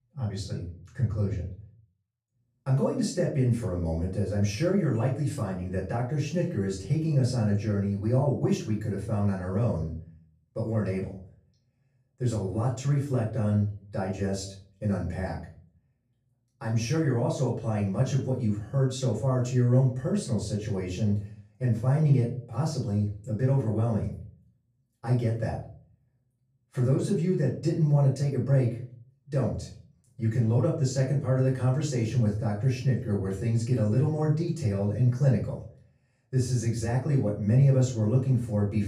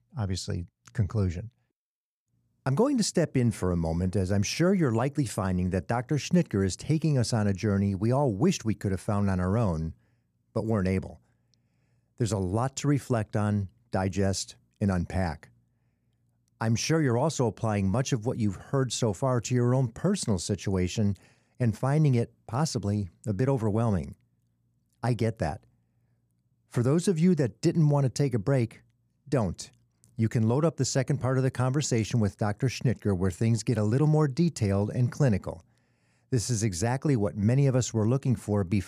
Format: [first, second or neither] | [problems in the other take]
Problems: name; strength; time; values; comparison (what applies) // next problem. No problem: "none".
second | room echo; slight; dies away in 0.4 s // off-mic speech; far